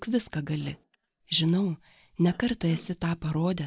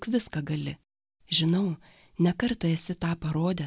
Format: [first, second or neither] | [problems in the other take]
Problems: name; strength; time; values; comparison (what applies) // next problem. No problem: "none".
second | noise reduction (neural mask model DeepFilterNet 3)